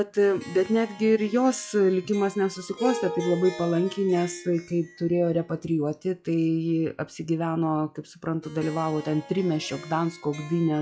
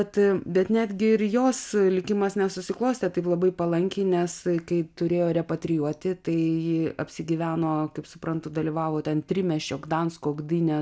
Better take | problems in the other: second | noise reduction (classical method log-MMSE)

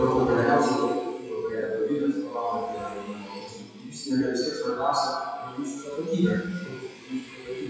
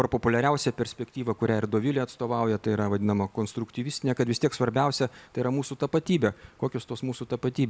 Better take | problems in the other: second | noise reduction (classical method WPE with log-MMSE)

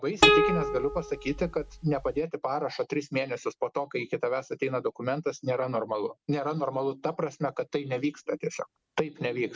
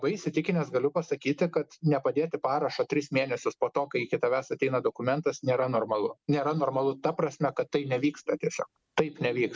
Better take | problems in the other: second | background sound (Plucked string instrument); 4 dB above the speech

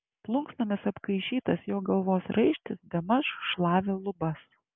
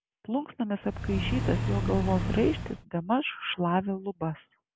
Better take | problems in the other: first | background sound (Accelerating, revving, vroom / Car); as loud as the speech

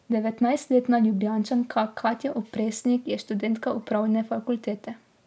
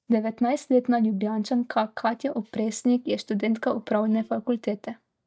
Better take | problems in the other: first | noise reduction (neural mask model DeepFilterNet 3)

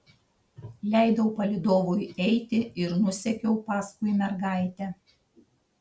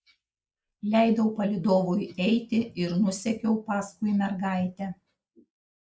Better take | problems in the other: first | noise reduction (neural mask model Resemble Enhance denoiser)

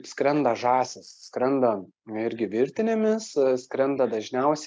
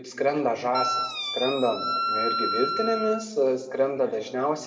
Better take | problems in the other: first | background sound (Wind instrument, woodwind instrument); 2 dB below the speech // room echo; dies away in 1.4 s

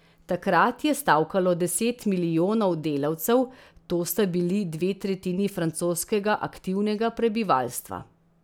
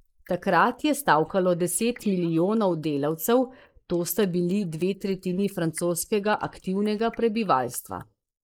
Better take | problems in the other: first | noise reduction (neural mask model Resemble Enhance denoiser)

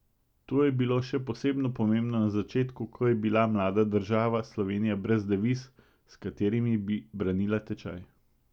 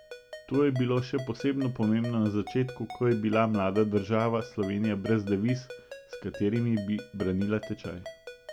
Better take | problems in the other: first | background sound (Ringtone); 16 dB below the speech

